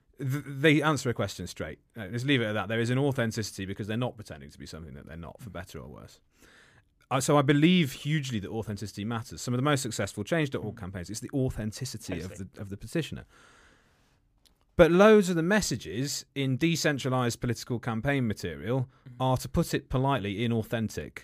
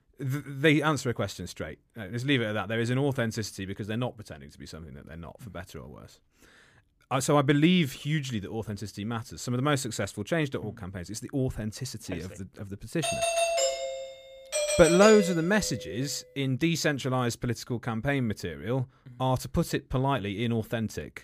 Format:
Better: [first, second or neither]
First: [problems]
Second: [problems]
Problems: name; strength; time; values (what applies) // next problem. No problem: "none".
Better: first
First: none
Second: doorbell; loud; from 13 to 16 s; peak 3 dB above the speech